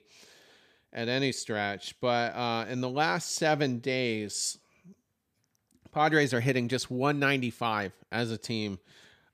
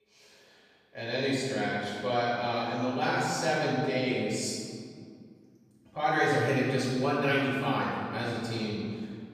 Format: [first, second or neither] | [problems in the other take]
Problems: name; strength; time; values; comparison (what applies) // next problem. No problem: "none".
first | off-mic speech; far // room echo; strong; dies away in 1.9 s